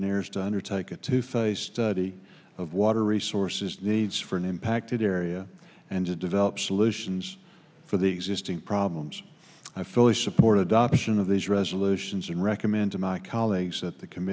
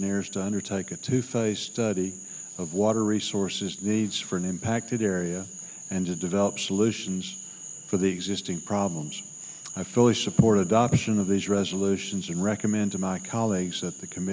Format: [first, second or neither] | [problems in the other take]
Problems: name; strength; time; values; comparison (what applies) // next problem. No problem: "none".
first | background sound (Frog); 14 dB below the speech